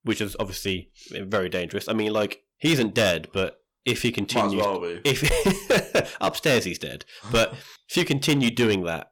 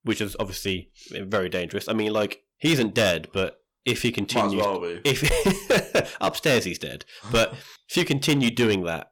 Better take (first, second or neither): neither